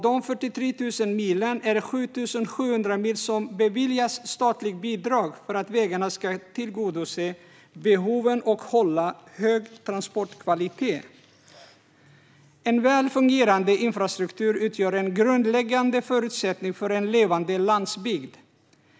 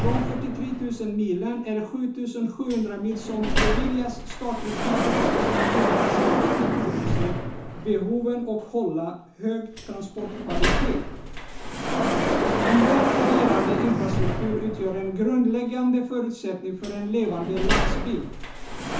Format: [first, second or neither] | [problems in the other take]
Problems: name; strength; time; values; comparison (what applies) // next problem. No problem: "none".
first | background sound (Sliding door); 1 dB above the speech // room echo; dies away in 0.9 s